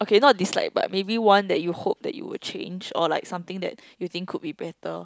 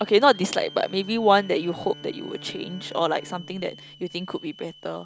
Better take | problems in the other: first | background sound (Hiss / Alarm + Bowed string instrument); 19 dB below the speech

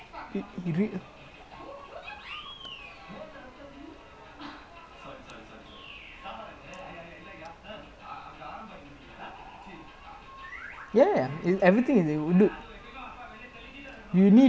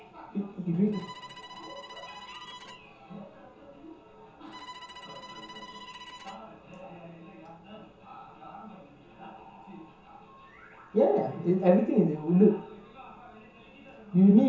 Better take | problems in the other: first | background sound (Bowed string instrument); 18 dB below the speech // room echo; dies away in 0.6 s

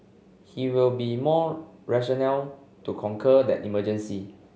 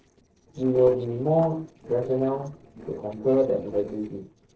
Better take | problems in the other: first | noise reduction (neural separator model SepFormer DNS4)

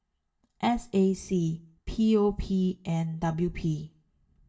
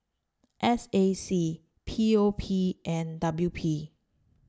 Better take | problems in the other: second | room echo; dies away in 0.2 s

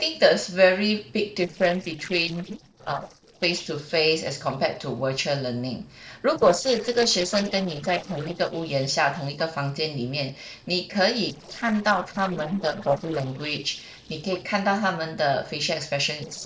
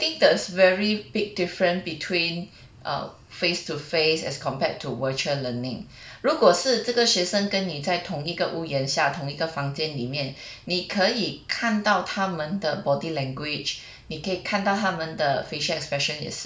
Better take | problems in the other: second | noise reduction (neural separator model SepFormer DNS4)

